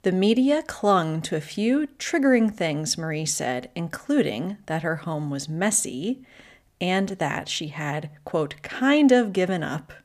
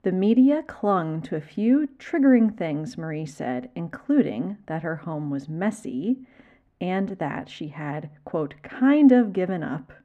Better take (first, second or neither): first